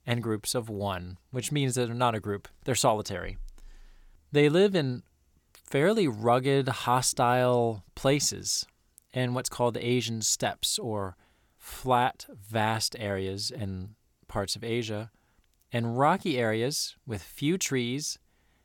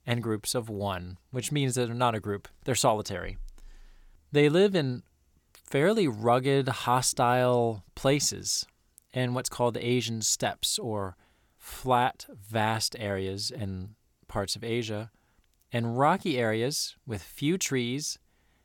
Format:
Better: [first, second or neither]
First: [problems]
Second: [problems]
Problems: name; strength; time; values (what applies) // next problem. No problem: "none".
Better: neither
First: none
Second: none